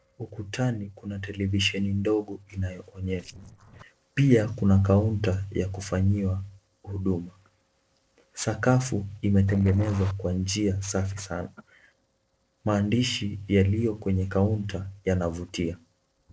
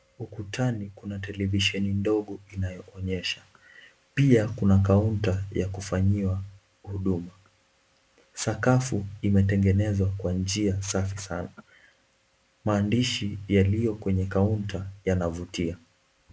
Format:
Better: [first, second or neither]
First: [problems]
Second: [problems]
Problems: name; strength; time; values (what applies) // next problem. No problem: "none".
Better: second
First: noise reduction (neural separator model SepFormer DNS4)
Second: none